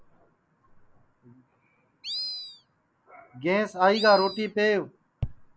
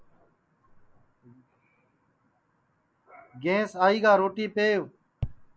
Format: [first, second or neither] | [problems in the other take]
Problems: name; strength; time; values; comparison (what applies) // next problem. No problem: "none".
second | background sound (Animal); 8 dB below the speech